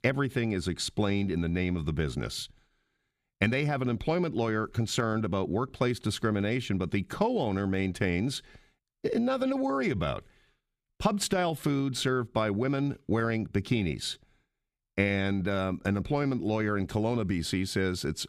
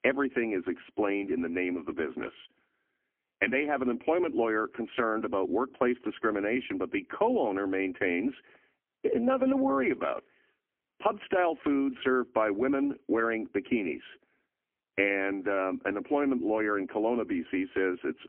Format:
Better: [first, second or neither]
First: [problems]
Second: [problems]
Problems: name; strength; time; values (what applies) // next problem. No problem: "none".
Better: first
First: none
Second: phone-call audio; poor line